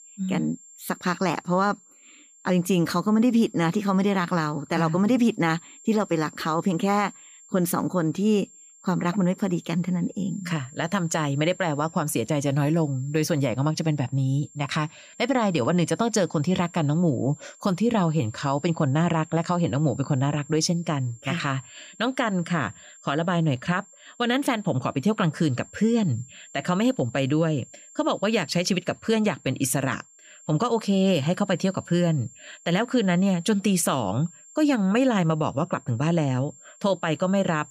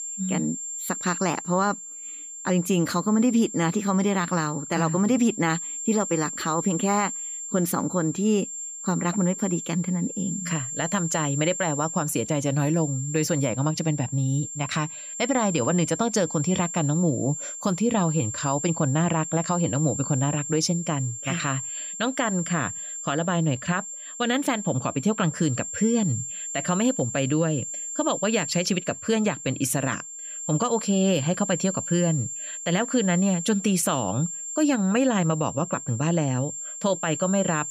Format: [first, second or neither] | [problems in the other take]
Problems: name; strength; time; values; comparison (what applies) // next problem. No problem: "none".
first | high-pitched whine; loud; throughout; 7.5 kHz, 7 dB below the speech; faint in the first